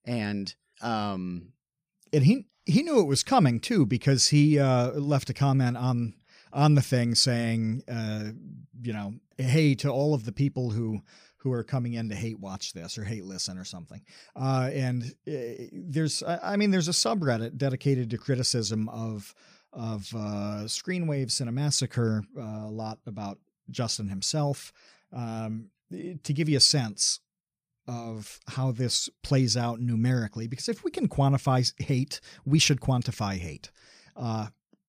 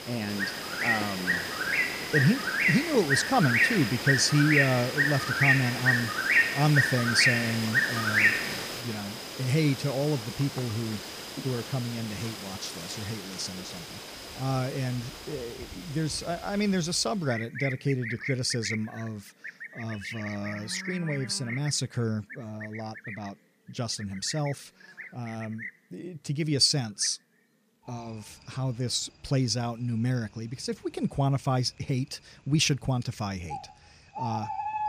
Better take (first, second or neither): first